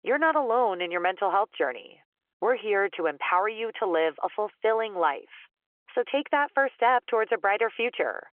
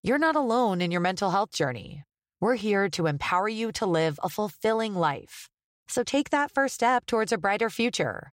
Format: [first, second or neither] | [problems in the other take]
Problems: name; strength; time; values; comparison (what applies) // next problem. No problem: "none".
second | phone-call audio